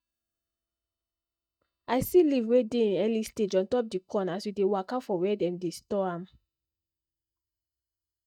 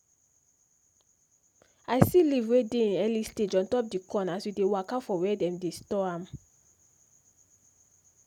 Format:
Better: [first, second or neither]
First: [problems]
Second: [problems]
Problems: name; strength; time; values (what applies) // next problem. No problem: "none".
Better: second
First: noise reduction (neural mask model DeepFilterNet 3)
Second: none